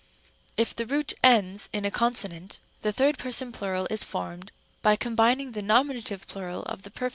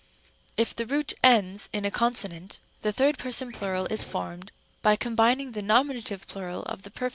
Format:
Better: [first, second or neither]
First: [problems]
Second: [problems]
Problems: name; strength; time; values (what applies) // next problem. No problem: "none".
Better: first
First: none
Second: background sound (Drawer open or close); 19 dB below the speech